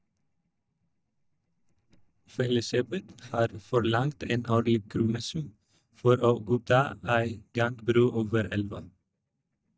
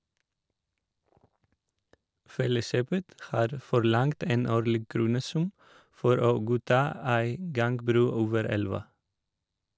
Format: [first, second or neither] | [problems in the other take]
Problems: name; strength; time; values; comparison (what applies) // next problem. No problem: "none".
second | noise reduction (neural mask model DeepFilterNet 3)